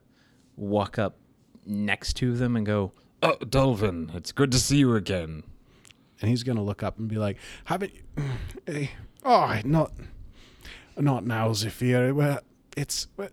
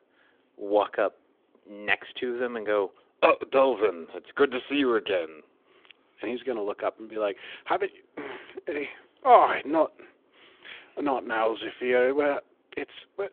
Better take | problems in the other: first | phone-call audio

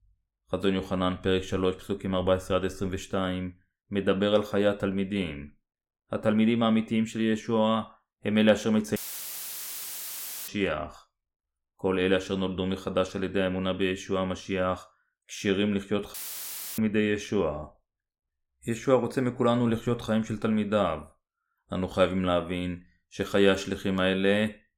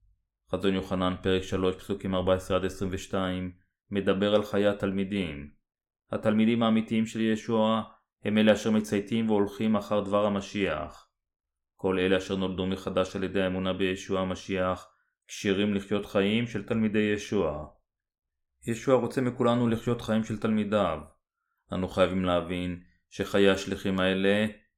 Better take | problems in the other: second | audio cutting out; filled with static; at 9 s for 1.5 s and at 16 s for 0.5 s

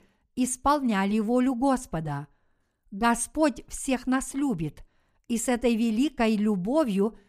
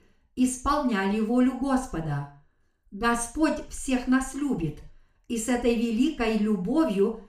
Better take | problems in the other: first | room echo; slight; dies away in 0.4 s // off-mic speech; somewhat distant

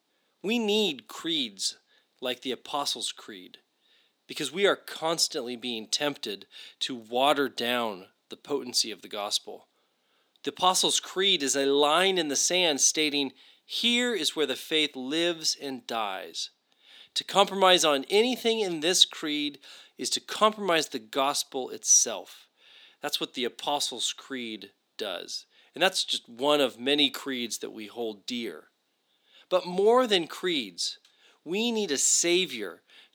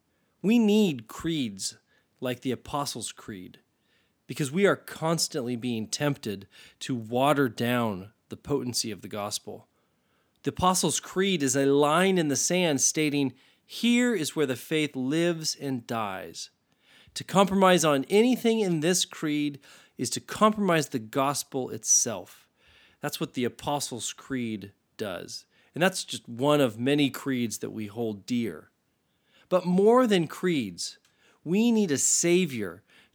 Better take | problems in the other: second | thin; very slightly; fading below 350 Hz

